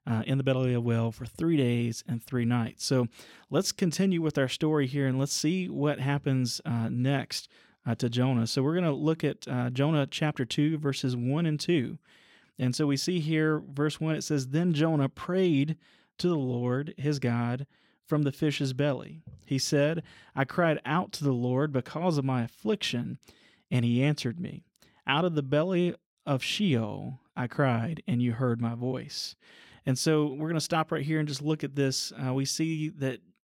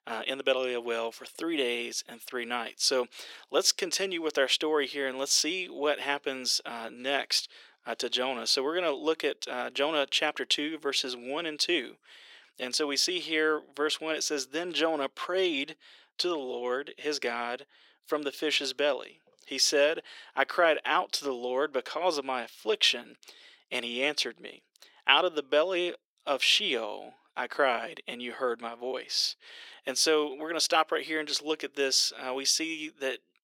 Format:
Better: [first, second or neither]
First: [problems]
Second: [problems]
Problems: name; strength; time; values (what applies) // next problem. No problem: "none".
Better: first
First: none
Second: thin; very; fading below 400 Hz